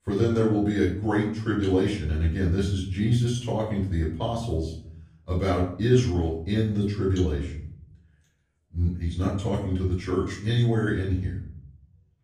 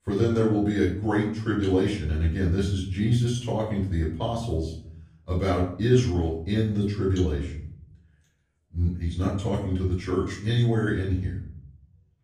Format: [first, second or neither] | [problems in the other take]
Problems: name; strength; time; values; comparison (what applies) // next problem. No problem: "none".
neither | off-mic speech; far; the same in both // room echo; noticeable; dies away in 0.7 s; the same in both